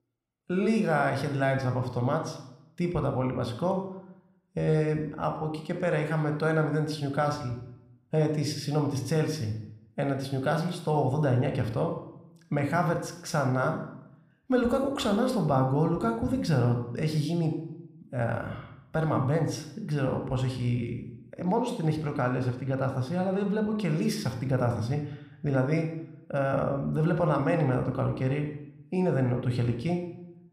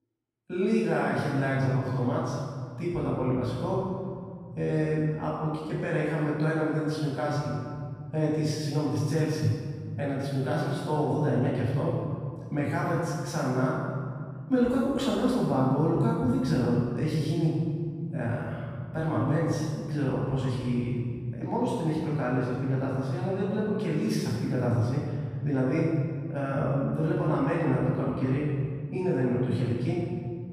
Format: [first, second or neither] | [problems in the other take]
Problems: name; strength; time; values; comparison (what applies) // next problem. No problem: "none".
first | room echo; strong; dies away in 2.2 s; slight in the first // off-mic speech; far